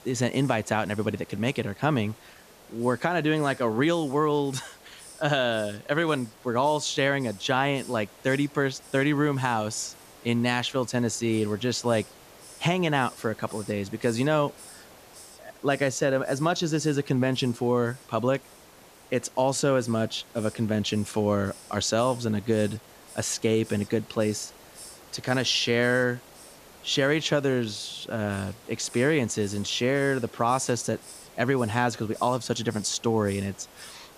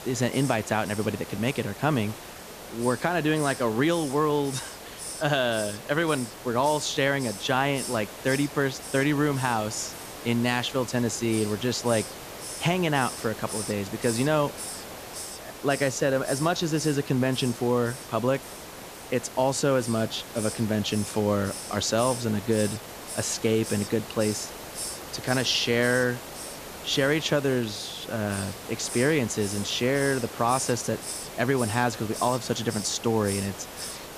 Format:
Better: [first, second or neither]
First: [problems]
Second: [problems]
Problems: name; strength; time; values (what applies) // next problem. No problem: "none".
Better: first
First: hiss; faint; throughout; 20 dB below the speech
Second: hiss; loud; throughout; 10 dB below the speech